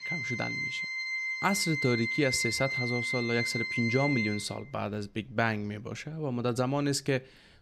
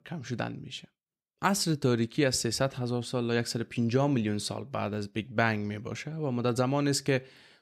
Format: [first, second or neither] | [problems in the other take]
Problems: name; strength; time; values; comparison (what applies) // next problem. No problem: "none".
second | background music; loud; throughout; as loud as the speech